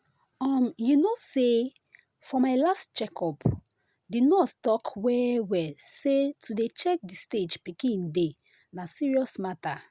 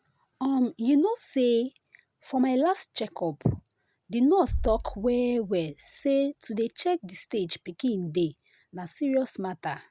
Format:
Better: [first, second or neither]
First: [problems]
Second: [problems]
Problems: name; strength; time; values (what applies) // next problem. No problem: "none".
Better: first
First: none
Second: background sound (Bass drum); 15 dB below the speech